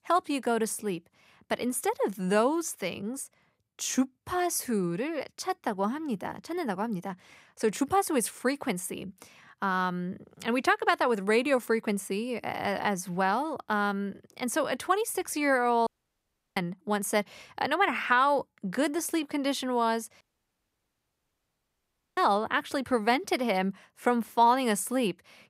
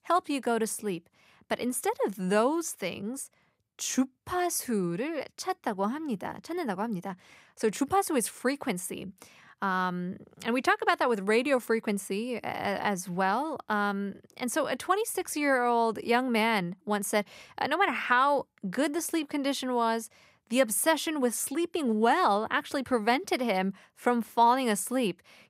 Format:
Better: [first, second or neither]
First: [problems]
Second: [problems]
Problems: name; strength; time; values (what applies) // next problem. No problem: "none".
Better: second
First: audio cutting out; at 16 s for 0.5 s and at 20 s for 2 s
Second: none